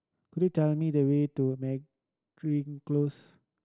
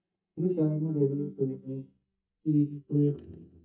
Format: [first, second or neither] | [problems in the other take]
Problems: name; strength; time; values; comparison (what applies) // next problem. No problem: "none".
first | noise reduction (neural mask model DeepFilterNet 3)